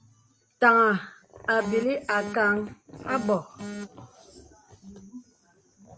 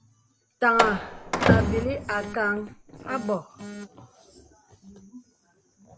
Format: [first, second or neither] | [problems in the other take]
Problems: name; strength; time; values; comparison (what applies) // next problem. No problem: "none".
first | background sound (Slam); 2 dB above the speech